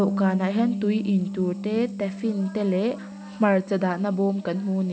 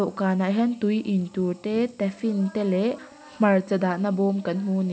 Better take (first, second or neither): second